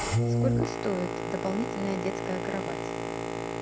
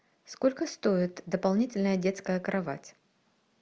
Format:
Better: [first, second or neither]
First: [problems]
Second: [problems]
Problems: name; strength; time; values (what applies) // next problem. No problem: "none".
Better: second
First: background sound (Boat, Water vehicle); 5 dB above the speech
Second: none